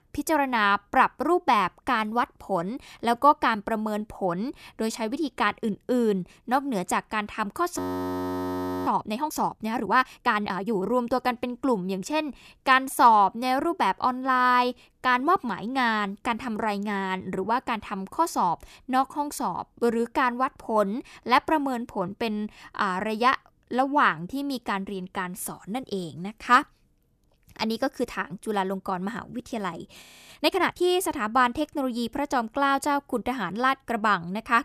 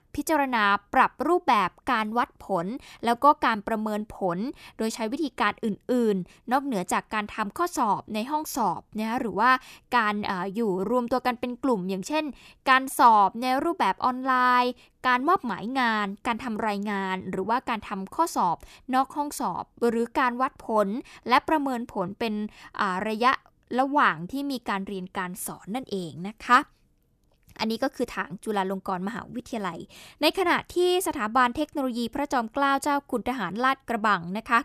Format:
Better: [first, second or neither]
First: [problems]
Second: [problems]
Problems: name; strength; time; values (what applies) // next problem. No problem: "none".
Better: second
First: audio freezing; at 8 s for 1 s and at 30 s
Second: none